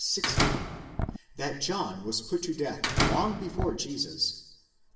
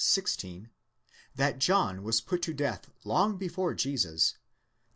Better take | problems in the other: second | background sound (Slam); 4 dB above the speech // room echo; dies away in 0.9 s

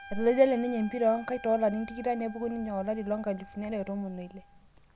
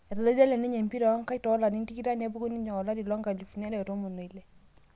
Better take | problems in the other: second | background sound (Trumpet); 19 dB below the speech

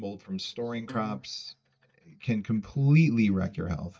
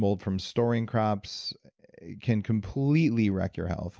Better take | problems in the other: second | noise reduction (neural mask model DeepFilterNet 3)

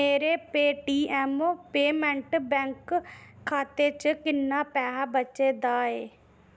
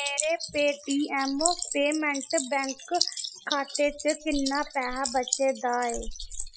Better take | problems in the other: first | noise reduction (classical method Wiener filter)

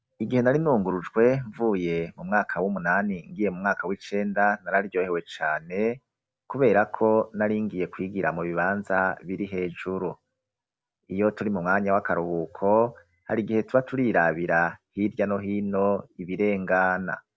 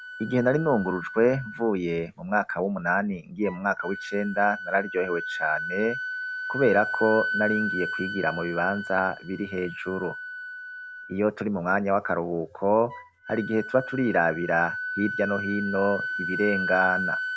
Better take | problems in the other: first | background sound (Wind instrument, woodwind instrument); 7 dB below the speech

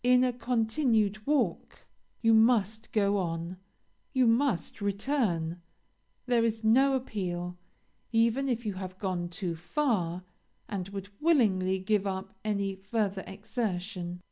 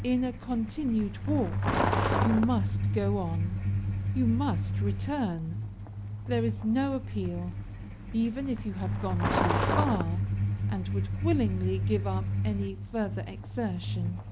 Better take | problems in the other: first | background sound (Truck); 1 dB above the speech

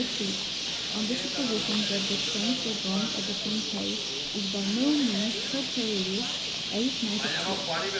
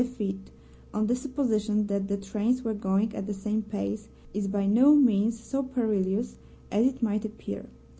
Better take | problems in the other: second | background sound (Bird); 1 dB above the speech

